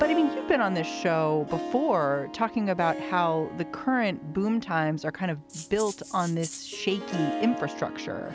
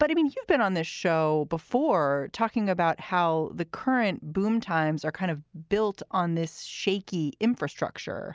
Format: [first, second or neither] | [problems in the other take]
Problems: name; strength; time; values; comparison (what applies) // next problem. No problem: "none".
second | background sound (Rattle (instrument) + Harp); 9 dB below the speech